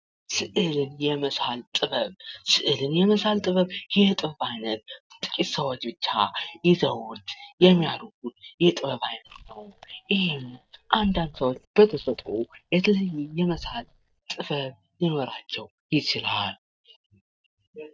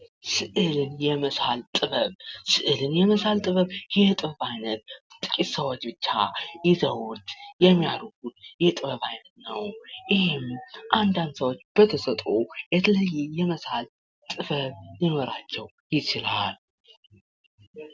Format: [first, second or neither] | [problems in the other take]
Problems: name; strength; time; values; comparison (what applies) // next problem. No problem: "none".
second | noise reduction (neural mask model DeepFilterNet 3)